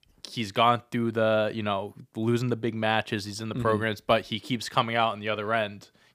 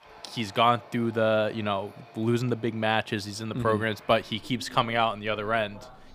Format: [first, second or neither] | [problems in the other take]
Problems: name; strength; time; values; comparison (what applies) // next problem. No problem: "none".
first | train or aircraft noise; faint; throughout; 25 dB below the speech